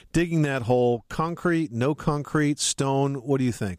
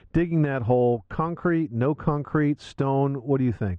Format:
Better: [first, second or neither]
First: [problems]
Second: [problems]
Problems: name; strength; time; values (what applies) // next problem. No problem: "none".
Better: first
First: none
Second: muffled; very; fading above 1.5 kHz